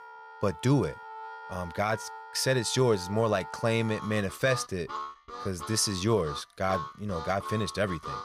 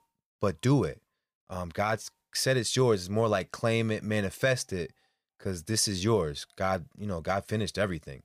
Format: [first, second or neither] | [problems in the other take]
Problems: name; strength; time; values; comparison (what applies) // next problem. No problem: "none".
second | background music; noticeable; throughout; 10 dB below the speech